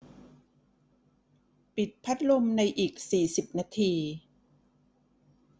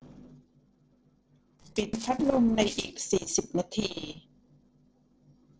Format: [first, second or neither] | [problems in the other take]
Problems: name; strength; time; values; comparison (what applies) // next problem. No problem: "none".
first | noise reduction (neural separator model SepFormer DNS4)